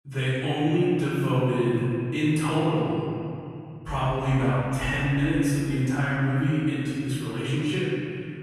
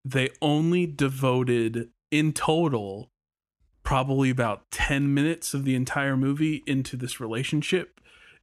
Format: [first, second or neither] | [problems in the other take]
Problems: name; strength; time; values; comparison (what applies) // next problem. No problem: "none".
second | off-mic speech; far // room echo; strong; dies away in 2.8 s